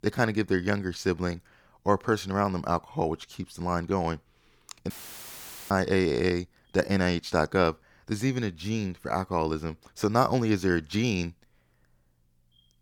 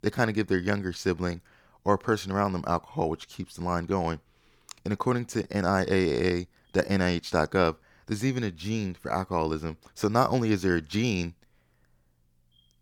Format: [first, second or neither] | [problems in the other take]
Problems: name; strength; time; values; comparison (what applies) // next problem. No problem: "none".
second | audio cutting out; filled with static; at 5 s for 1 s